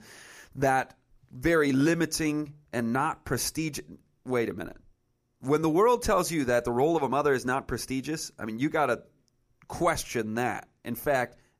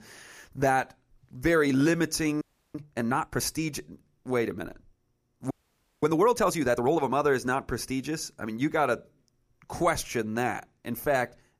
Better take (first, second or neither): first